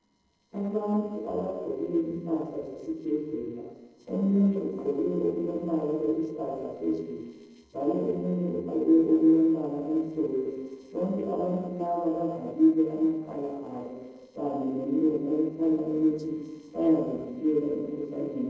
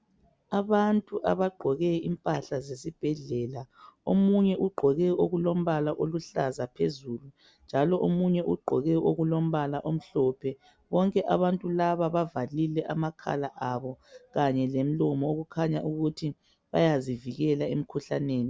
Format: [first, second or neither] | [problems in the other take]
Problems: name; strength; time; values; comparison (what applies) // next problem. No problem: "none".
second | noise reduction (neural separator model SepFormer DNS4)